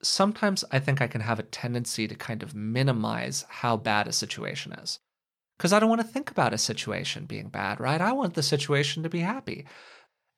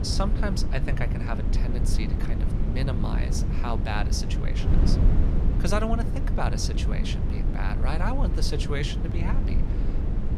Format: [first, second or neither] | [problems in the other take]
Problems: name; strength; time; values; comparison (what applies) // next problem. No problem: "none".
first | wind noise on the microphone; heavy; 5 dB below the speech